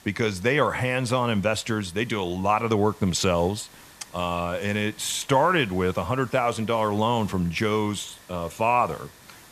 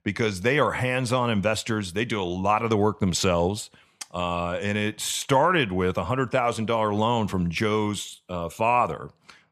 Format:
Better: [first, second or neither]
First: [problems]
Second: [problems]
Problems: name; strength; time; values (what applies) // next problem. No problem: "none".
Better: second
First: hiss; faint; throughout; 25 dB below the speech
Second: none